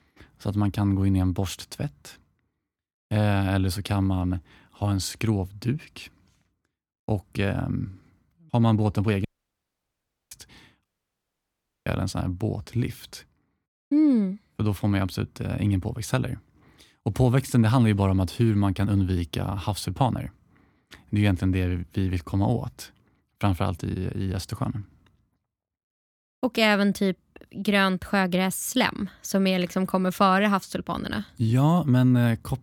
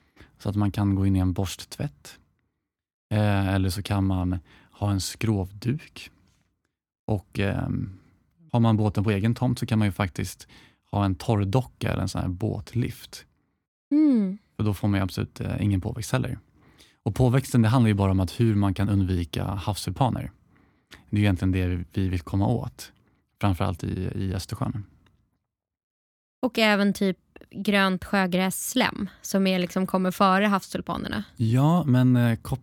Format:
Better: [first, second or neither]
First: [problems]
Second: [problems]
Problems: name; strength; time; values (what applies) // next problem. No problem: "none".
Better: second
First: audio cutting out; at 9.5 s for 1 s and at 11 s for 1 s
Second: none